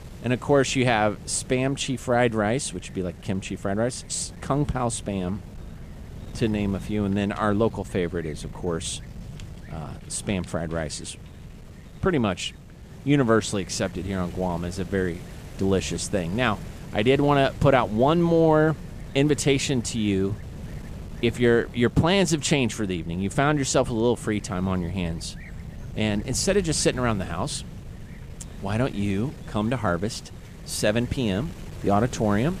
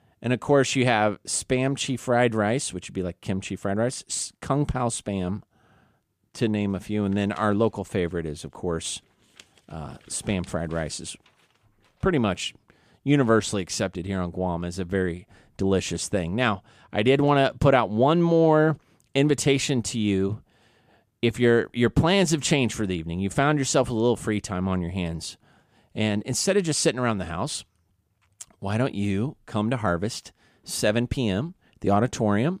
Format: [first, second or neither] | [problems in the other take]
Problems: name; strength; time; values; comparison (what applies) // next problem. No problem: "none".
second | wind noise on the microphone; occasional gusts; 20 dB below the speech